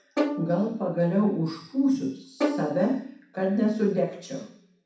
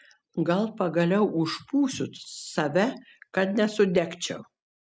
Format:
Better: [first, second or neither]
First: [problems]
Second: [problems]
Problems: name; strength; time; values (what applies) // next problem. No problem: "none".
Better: second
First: background sound (Bowed string instrument); 7 dB below the speech // room echo; dies away in 0.6 s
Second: none